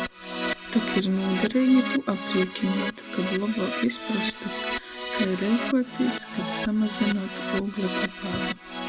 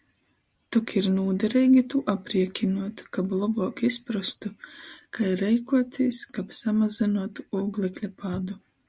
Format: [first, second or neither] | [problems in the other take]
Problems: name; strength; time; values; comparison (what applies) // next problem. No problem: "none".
second | background sound (Keyboard (musical)); 5 dB below the speech